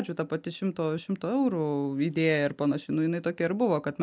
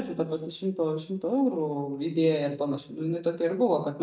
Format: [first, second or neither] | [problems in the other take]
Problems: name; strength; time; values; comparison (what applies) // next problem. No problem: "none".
first | noise reduction (neural mask model DeepFilterNet 3)